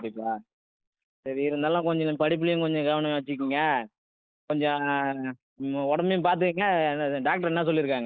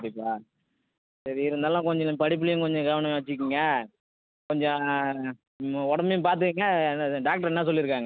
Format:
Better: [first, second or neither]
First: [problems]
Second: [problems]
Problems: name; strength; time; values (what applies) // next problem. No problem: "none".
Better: second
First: noise reduction (neural mask model Resemble Enhance denoiser)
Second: none